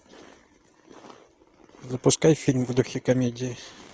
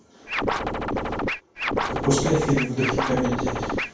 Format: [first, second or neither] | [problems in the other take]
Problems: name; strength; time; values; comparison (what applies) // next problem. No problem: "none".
first | background sound (Scratching (performance technique)); 1 dB above the speech // room echo; dies away in 0.5 s